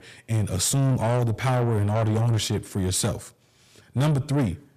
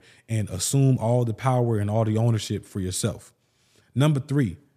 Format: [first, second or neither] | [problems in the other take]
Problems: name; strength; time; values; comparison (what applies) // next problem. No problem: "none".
second | distortion; heavy; 7 dB below the speech